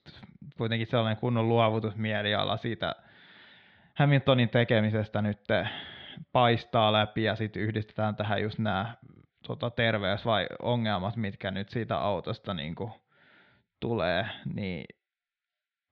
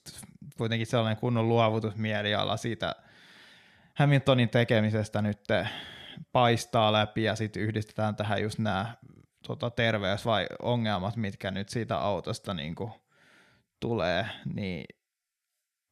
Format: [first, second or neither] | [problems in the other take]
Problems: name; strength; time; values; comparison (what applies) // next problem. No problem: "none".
second | muffled; slightly; fading above 4 kHz